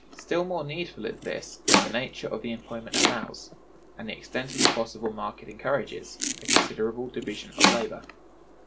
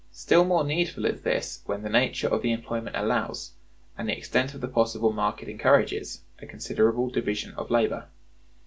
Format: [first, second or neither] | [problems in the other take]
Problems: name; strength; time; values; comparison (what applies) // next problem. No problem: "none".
second | background sound (Domestic sounds, home sounds); 3 dB above the speech